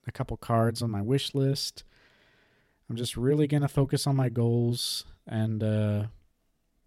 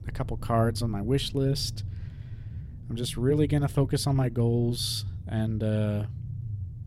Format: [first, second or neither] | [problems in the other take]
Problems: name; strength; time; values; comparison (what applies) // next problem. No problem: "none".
first | low rumble; faint; throughout; 20 dB below the speech